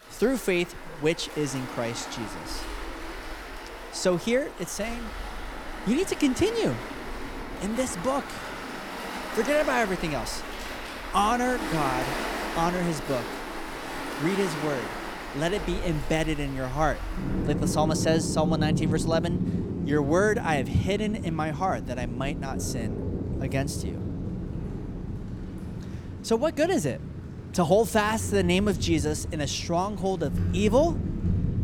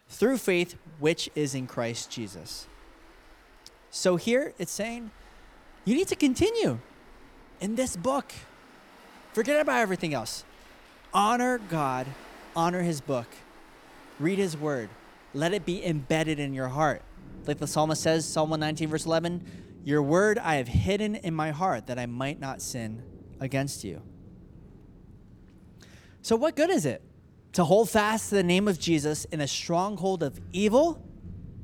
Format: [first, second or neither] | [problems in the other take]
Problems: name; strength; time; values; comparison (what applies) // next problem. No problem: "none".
second | rain or running water; loud; throughout; 6 dB below the speech; faint in the second